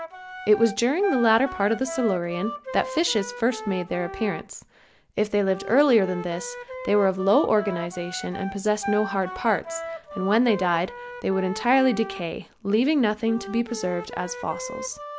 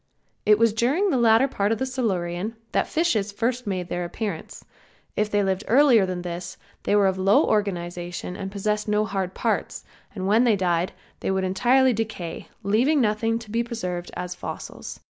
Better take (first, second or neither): second